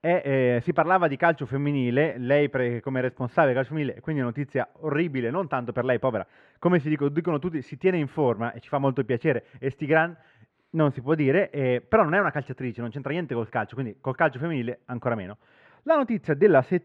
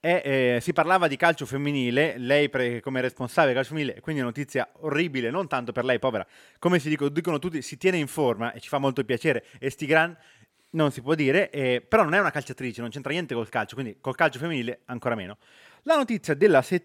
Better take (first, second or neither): second